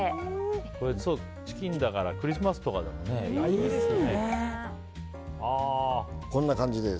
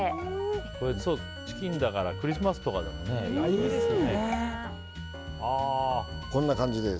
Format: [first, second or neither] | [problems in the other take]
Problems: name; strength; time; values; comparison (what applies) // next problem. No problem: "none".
first | background sound (Bowed string instrument); 19 dB below the speech